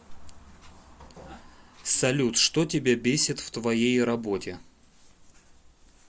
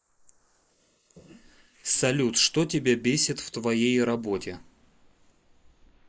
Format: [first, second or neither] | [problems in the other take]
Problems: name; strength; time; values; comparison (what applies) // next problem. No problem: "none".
first | noise reduction (neural mask model Resemble Enhance denoiser)